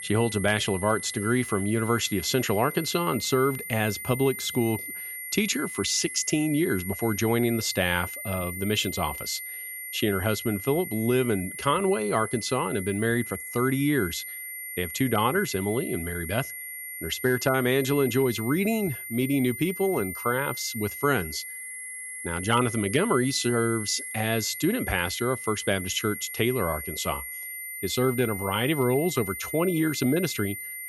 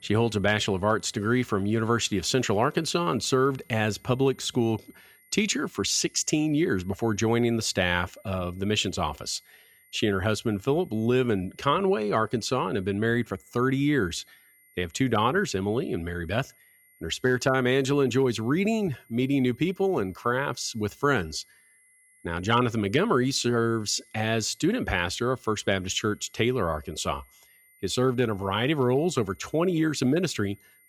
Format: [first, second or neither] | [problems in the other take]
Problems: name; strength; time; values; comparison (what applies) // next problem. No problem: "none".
second | high-pitched whine; loud; throughout; 2 kHz, 8 dB below the speech; faint in the second